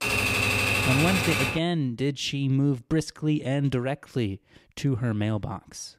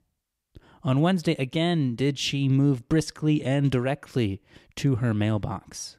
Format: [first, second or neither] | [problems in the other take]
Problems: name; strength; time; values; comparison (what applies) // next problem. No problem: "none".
second | keyboard typing; loud; until 1.5 s; peak 5 dB above the speech